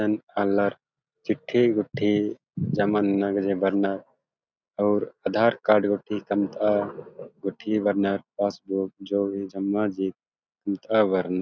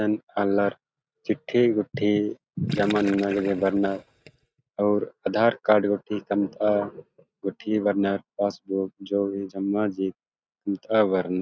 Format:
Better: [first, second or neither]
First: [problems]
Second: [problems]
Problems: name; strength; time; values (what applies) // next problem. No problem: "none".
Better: first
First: none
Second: noise reduction (neural mask model RNNoise)